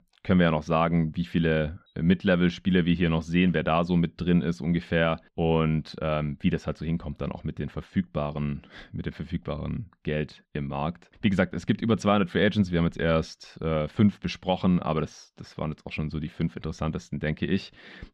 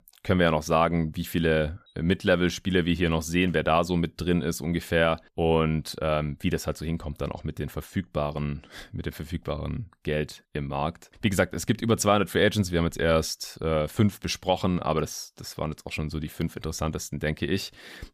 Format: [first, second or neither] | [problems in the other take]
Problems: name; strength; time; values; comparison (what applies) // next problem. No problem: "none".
second | muffled; slightly; fading above 3 kHz